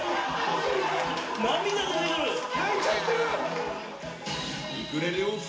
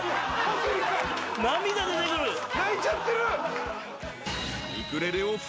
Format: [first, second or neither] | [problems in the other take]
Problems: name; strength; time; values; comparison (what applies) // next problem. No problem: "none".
second | background sound (Domestic sounds, home sounds); 11 dB below the speech // room echo; dies away in 0.4 s